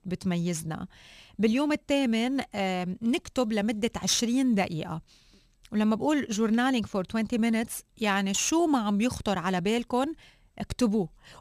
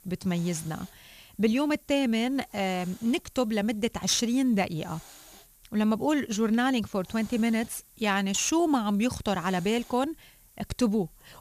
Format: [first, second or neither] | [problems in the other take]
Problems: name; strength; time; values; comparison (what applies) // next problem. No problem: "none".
first | hiss; faint; throughout; 25 dB below the speech